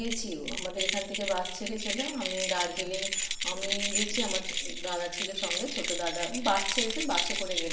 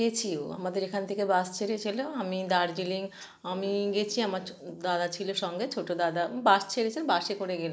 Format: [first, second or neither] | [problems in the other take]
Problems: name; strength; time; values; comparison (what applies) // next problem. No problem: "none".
second | background sound (Keys jangling); 1 dB above the speech // room echo; dies away in 0.8 s